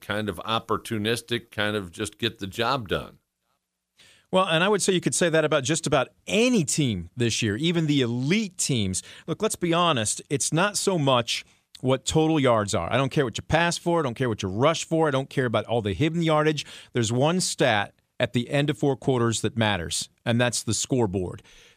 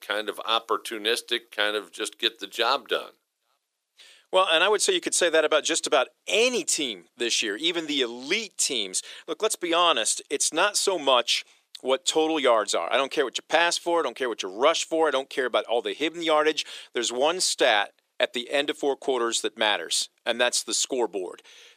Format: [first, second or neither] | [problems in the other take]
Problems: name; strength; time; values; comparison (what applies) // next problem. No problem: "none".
first | thin; very; fading below 350 Hz